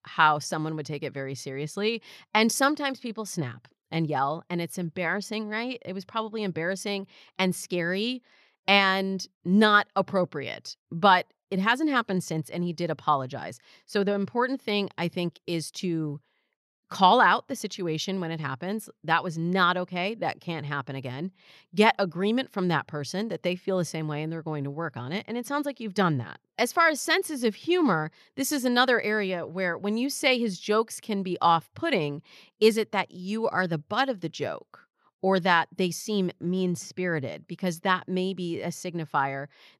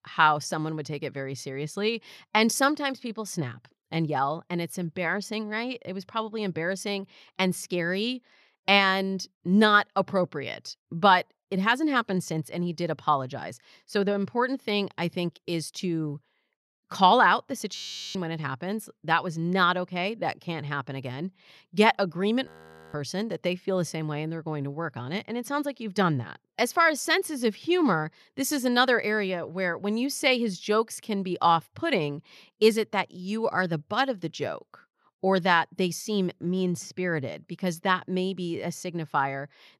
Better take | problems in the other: first | audio freezing; at 18 s and at 22 s

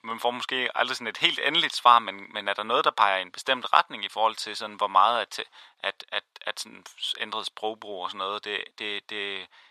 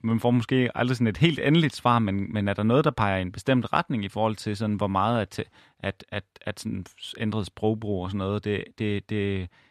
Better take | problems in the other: second | thin; very; fading below 800 Hz

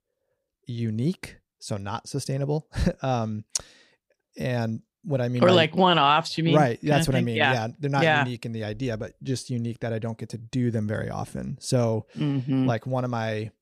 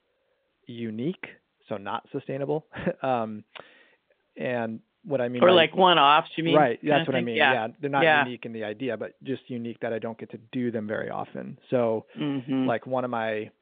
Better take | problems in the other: first | phone-call audio; nothing above 3.5 kHz

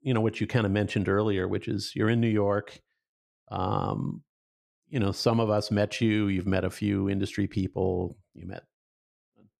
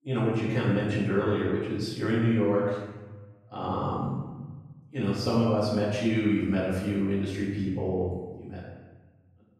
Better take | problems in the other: first | room echo; strong; dies away in 1 s // off-mic speech; far

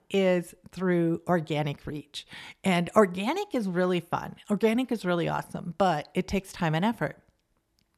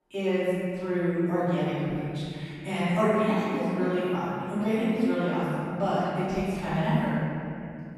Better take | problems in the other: first | off-mic speech; far // room echo; strong; dies away in 2.9 s

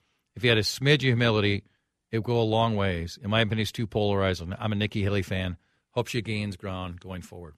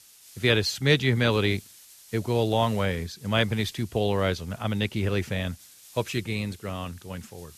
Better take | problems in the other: first | hiss; faint; throughout; 25 dB below the speech

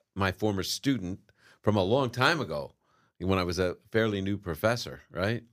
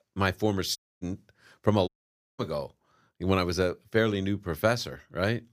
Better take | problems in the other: first | audio cutting out; at 1 s and at 2 s for 0.5 s

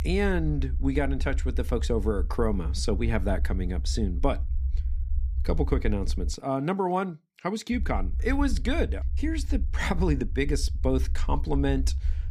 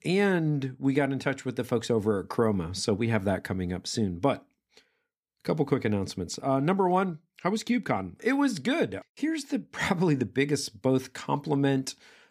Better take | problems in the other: second | low rumble; faint; until 6.5 s and from 7.5 s on; 20 dB below the speech

